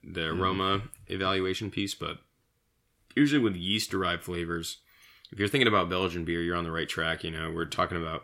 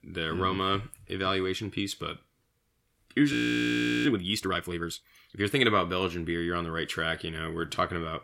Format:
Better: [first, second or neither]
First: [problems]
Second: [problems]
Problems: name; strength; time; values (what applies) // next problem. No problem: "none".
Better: first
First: none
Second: audio freezing; at 3.5 s for 0.5 s